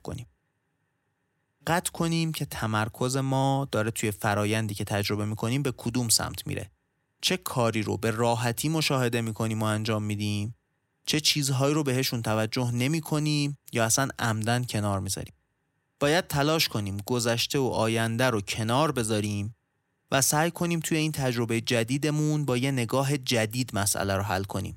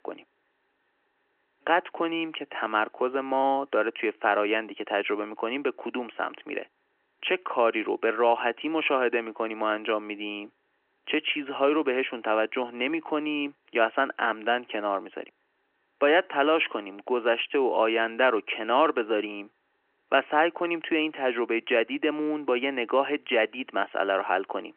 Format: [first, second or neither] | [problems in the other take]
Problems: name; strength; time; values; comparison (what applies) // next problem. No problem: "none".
first | phone-call audio; nothing above 3 kHz